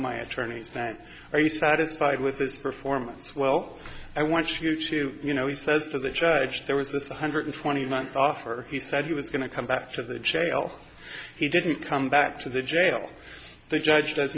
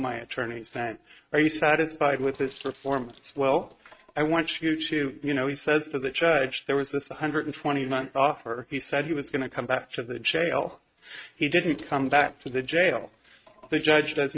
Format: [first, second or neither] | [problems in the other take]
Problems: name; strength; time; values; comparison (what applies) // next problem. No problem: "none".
first | noise reduction (neural mask model RNNoise)